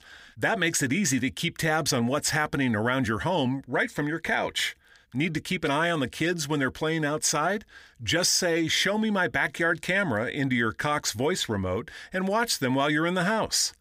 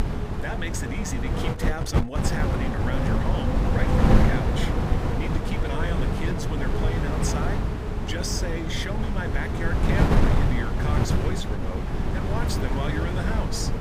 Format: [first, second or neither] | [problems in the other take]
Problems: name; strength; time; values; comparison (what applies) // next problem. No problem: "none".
first | wind noise on the microphone; heavy; 2 dB above the speech